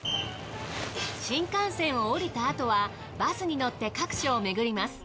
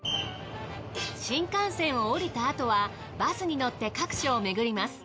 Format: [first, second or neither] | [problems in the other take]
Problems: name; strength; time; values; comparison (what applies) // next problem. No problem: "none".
second | background sound (Crumpling, crinkling); 16 dB below the speech